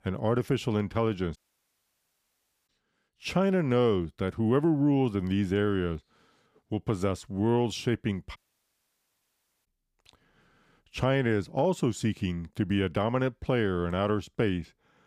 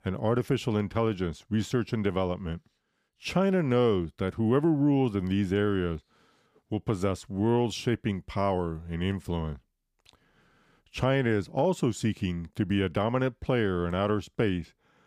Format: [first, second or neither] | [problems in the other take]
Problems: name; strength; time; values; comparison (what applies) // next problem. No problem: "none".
second | audio cutting out; at 1.5 s for 1.5 s and at 8.5 s for 1.5 s